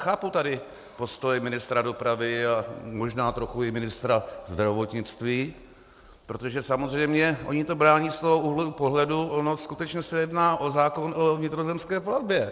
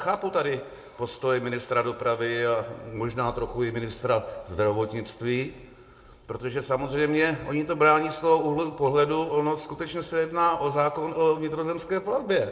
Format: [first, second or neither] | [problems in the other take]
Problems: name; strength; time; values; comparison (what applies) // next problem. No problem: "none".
first | room echo; dies away in 1.9 s